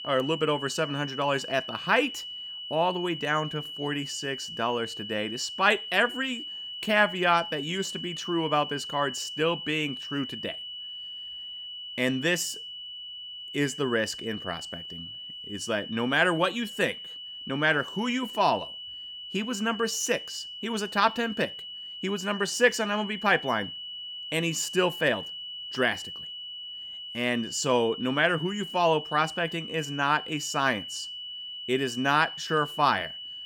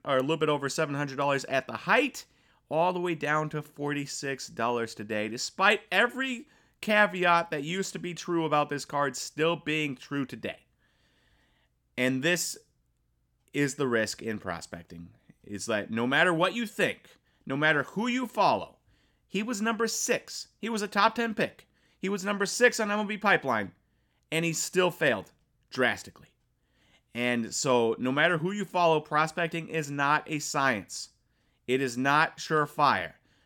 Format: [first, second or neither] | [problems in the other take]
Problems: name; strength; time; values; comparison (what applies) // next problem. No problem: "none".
second | high-pitched whine; loud; throughout; 3 kHz, 9 dB below the speech